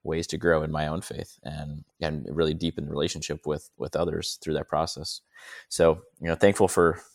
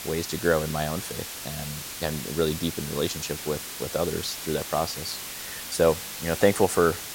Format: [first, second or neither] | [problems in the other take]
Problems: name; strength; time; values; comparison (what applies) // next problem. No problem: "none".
first | hiss; loud; throughout; 7 dB below the speech